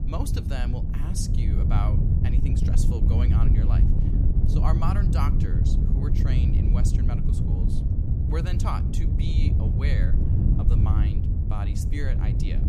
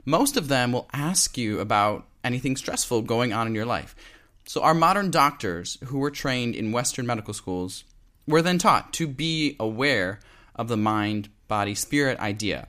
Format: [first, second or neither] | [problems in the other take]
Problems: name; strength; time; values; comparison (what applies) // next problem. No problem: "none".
second | wind noise on the microphone; heavy; as loud as the speech